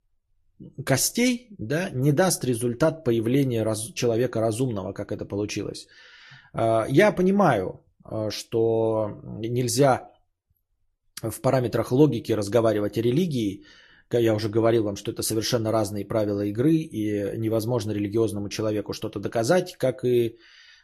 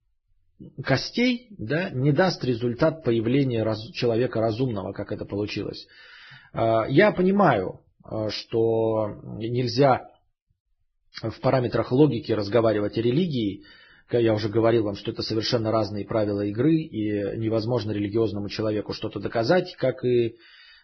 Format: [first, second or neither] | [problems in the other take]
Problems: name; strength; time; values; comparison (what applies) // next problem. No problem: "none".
first | garbled, watery; badly; nothing above 5.5 kHz; slightly in the first